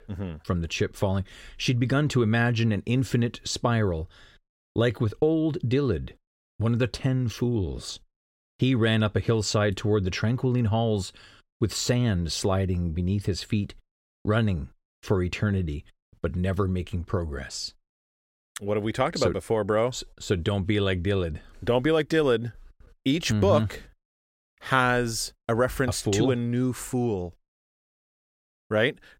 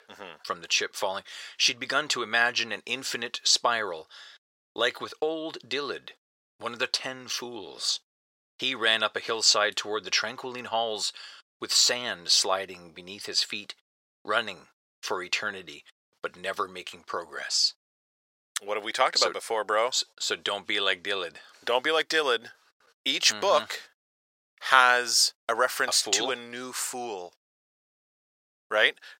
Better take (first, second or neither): first